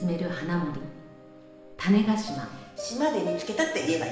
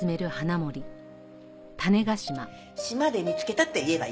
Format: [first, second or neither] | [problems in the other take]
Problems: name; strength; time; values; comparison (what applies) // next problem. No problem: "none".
second | room echo; dies away in 1.1 s